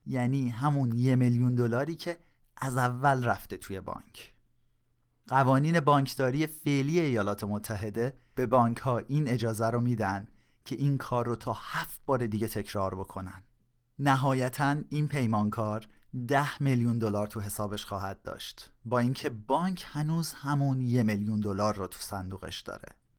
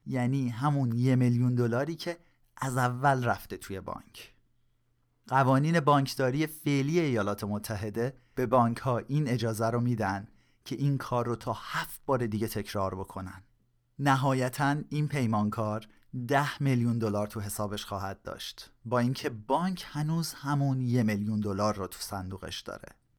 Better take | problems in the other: second | garbled, watery; slightly; nothing above 19 kHz

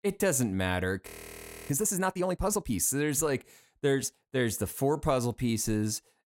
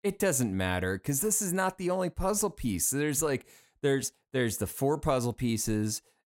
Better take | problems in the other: second | audio freezing; at 1 s for 0.5 s

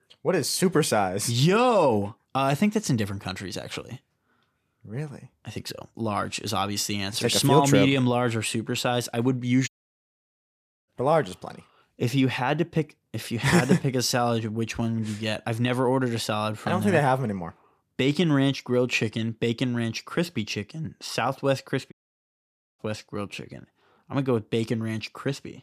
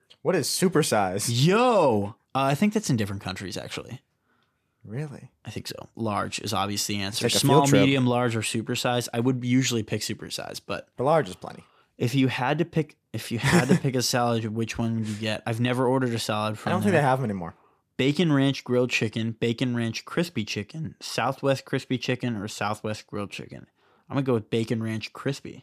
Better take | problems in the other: second | audio cutting out; at 9.5 s for 1 s and at 22 s for 1 s

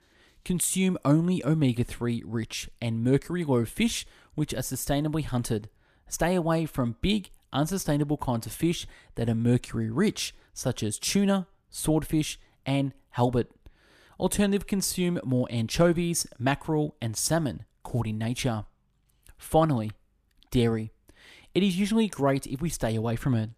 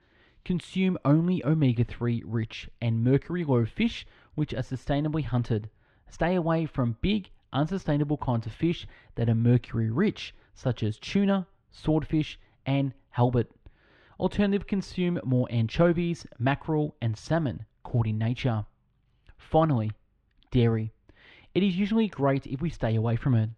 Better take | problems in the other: first | muffled; slightly; fading above 3.5 kHz

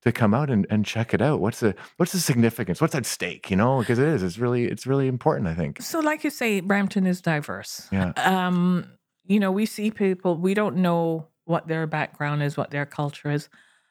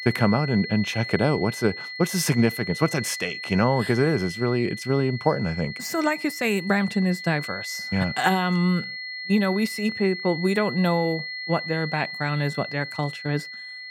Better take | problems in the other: first | high-pitched whine; loud; throughout; 2 kHz, 8 dB below the speech

